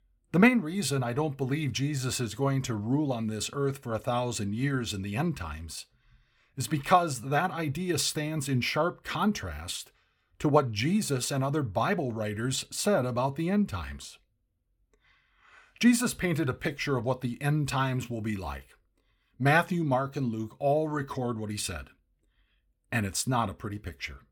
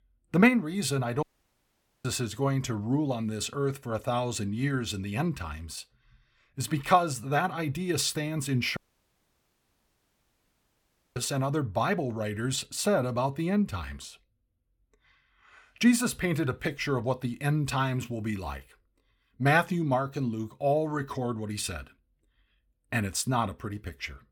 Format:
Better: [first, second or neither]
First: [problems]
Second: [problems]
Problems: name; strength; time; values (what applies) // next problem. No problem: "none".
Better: first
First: none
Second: audio cutting out; at 1 s for 1 s and at 9 s for 2.5 s